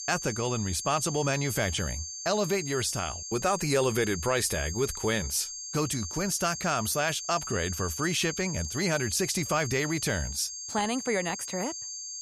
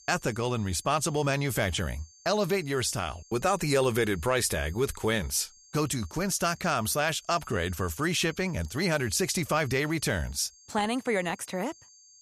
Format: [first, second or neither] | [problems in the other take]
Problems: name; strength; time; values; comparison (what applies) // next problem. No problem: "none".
second | high-pitched whine; loud; throughout; 6.5 kHz, 6 dB below the speech; faint in the second